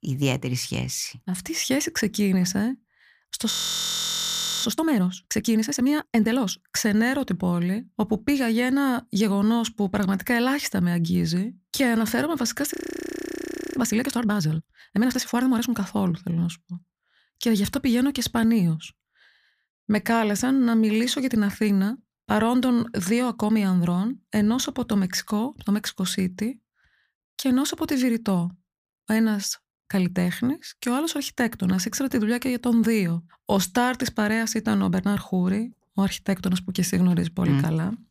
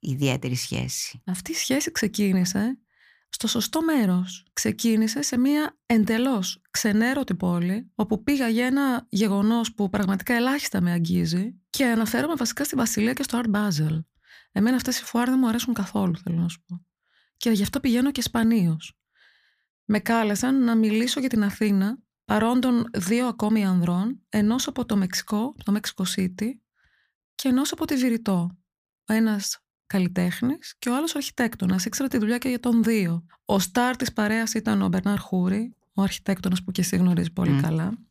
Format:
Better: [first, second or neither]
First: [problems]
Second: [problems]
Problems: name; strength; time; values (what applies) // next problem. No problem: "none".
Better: second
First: audio freezing; at 3.5 s for 1 s and at 13 s for 1 s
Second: none